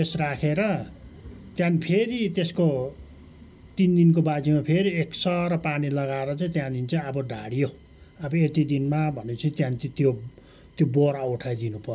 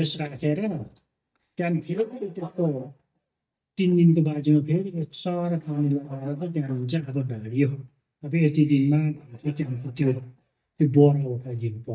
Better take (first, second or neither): first